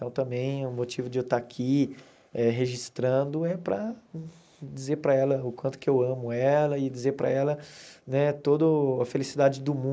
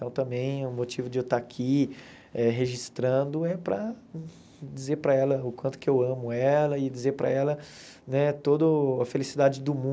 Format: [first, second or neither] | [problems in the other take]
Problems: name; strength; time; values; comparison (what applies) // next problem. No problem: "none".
second | noise reduction (neural mask model Resemble Enhance denoiser)